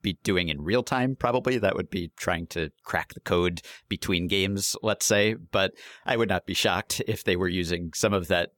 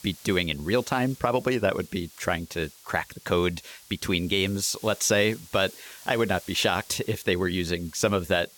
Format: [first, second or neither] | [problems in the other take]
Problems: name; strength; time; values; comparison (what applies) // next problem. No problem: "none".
first | hiss; faint; throughout; 20 dB below the speech